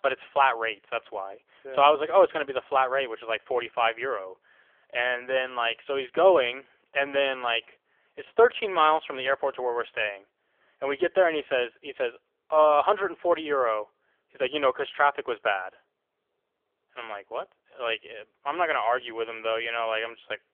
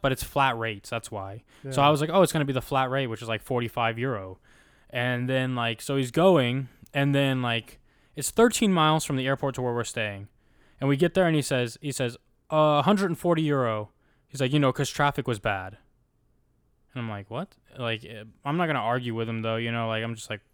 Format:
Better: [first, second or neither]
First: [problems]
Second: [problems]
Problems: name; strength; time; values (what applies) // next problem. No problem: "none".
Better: second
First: phone-call audio; poor line; nothing above 3.5 kHz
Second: none